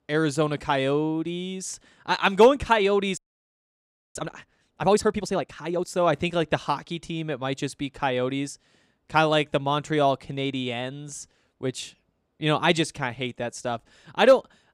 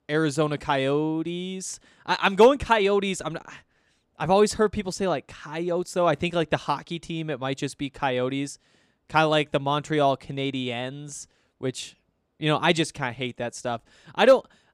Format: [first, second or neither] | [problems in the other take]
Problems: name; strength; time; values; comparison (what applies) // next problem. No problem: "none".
second | audio freezing; at 3 s for 1 s